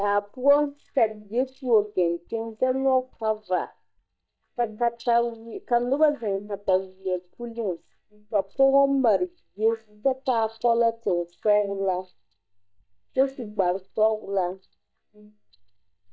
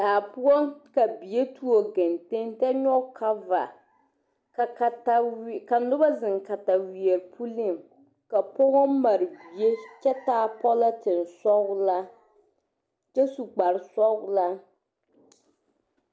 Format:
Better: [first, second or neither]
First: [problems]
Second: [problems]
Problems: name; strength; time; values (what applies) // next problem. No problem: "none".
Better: second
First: noise reduction (neural mask model DeepFilterNet 3)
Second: none